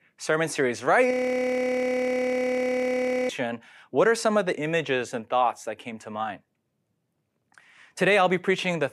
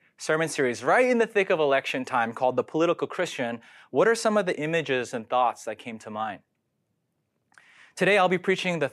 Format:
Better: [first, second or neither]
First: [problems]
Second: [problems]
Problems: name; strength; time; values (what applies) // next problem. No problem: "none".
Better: second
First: audio freezing; at 1 s for 2 s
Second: none